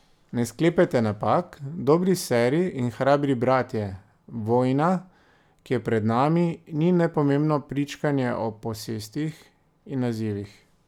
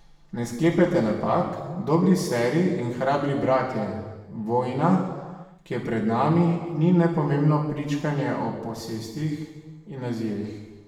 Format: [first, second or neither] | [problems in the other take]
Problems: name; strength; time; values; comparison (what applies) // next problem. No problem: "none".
first | room echo; dies away in 1.2 s